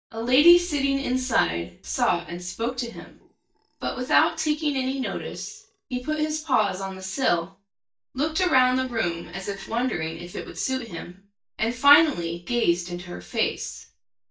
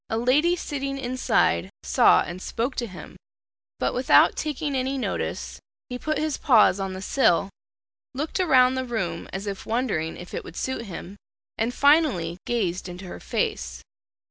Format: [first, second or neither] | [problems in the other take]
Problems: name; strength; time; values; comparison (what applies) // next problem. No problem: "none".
second | noise reduction (neural mask model DeepFilterNet 3)